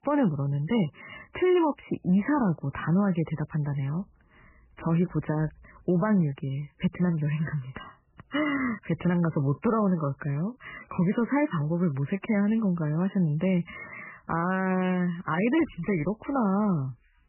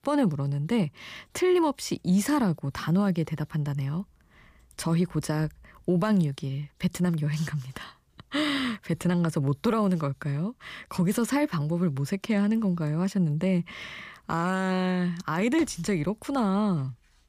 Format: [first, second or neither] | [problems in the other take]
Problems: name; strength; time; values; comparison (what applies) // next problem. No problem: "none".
second | garbled, watery; badly; nothing above 3 kHz